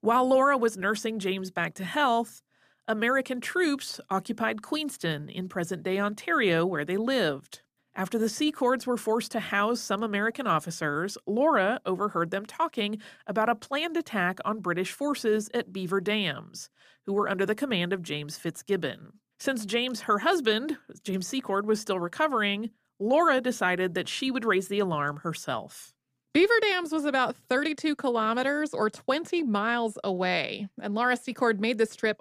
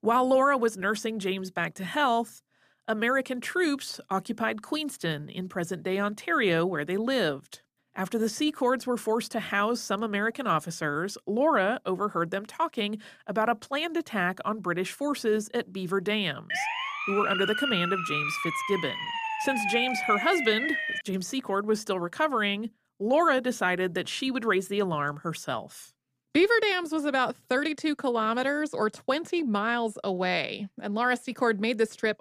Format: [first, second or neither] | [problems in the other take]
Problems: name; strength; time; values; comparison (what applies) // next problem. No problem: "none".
first | siren; loud; from 17 to 21 s; peak 1 dB above the speech